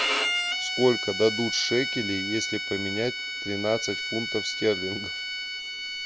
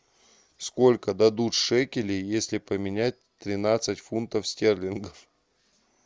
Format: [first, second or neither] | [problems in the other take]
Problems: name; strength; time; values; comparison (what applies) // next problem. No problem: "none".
second | background sound (Bowed string instrument); 2 dB below the speech